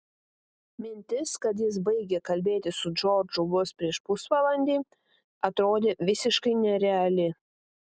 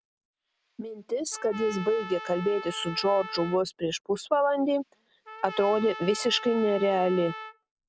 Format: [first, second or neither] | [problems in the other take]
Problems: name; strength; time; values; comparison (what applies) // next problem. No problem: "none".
first | background sound (Trumpet); 14 dB below the speech